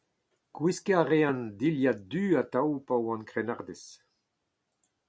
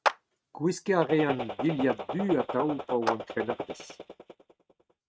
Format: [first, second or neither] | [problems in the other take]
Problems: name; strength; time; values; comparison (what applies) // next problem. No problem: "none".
first | noise reduction (neural mask model RNNoise)